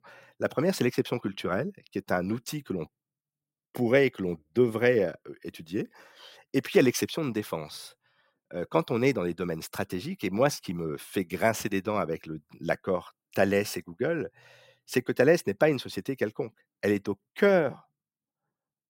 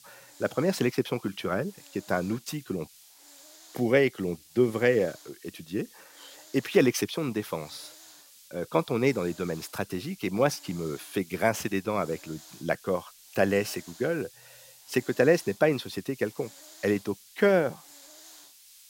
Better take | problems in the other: first | hiss; faint; throughout; 20 dB below the speech

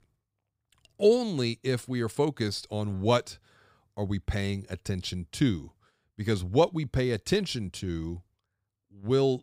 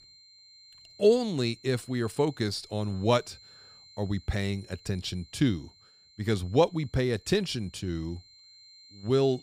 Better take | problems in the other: first | high-pitched whine; faint; throughout; 4 kHz, 25 dB below the speech

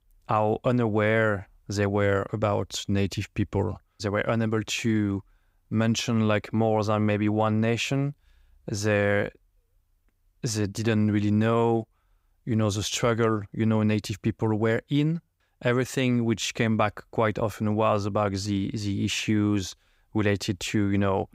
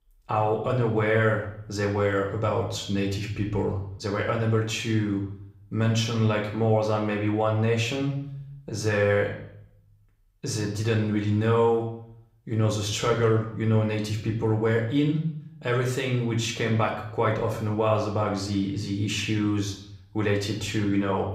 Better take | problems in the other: first | room echo; slight; dies away in 0.6 s // off-mic speech; somewhat distant

